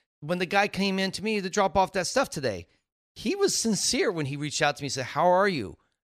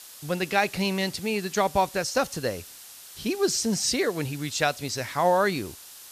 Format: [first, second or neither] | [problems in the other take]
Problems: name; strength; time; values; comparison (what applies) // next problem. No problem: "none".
first | hiss; noticeable; throughout; 15 dB below the speech